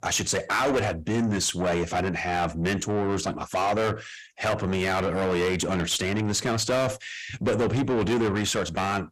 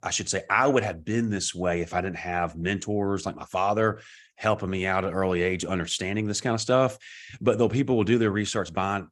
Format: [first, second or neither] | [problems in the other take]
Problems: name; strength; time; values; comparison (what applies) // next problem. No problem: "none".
second | distortion; heavy; 6 dB below the speech